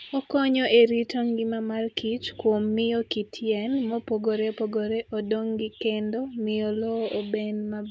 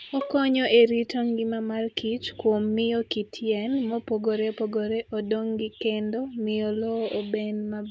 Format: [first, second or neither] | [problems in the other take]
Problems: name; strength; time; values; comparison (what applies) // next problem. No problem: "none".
first | background sound (Bowed string instrument); 18 dB below the speech